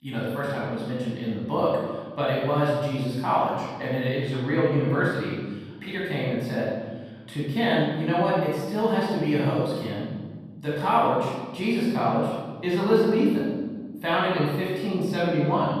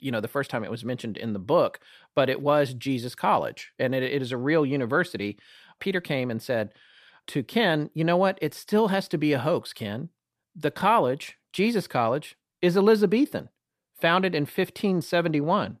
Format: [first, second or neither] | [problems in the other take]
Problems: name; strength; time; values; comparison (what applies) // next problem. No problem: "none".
second | off-mic speech; far // room echo; strong; dies away in 1.5 s